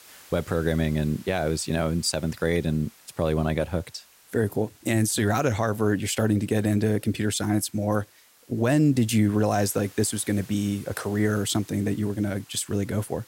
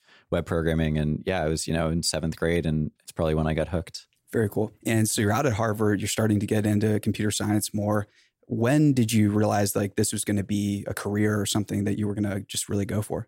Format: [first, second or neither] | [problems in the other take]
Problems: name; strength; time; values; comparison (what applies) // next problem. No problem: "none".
second | hiss; faint; throughout; 25 dB below the speech